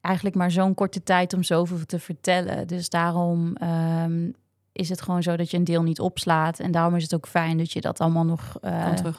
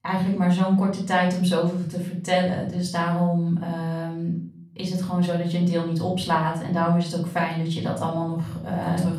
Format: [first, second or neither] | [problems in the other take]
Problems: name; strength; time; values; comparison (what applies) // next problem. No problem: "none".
first | off-mic speech; far // room echo; slight; dies away in 0.6 s